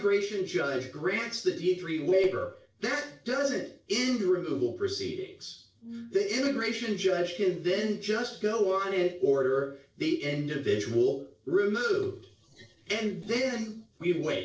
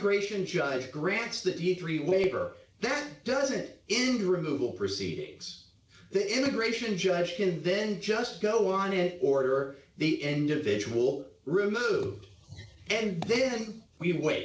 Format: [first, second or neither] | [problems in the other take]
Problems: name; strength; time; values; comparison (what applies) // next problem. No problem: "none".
second | noise reduction (neural separator model SepFormer DNS4)